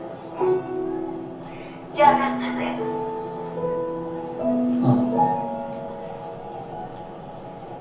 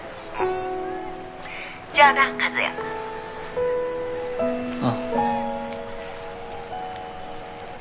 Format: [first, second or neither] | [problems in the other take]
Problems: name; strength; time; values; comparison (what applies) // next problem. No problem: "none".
second | room echo; dies away in 0.7 s